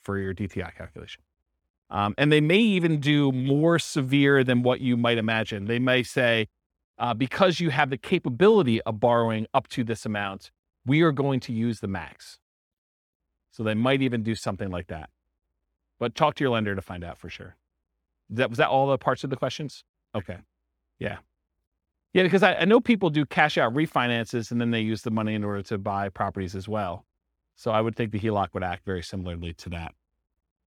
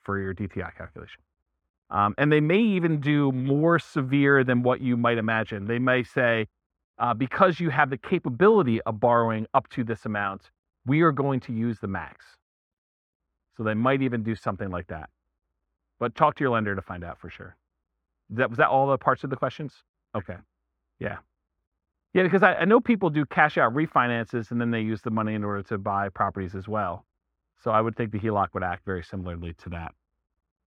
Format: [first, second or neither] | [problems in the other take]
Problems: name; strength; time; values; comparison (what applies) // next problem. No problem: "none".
first | muffled; very; fading above 3 kHz